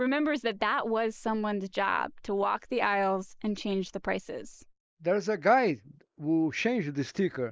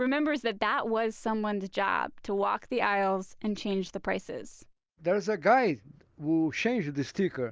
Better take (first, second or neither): second